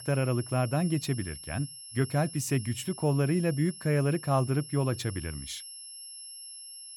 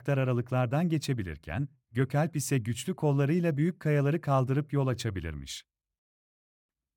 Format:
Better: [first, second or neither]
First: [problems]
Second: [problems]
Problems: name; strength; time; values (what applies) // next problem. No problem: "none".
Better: second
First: high-pitched whine; noticeable; throughout; 11 kHz, 10 dB below the speech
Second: none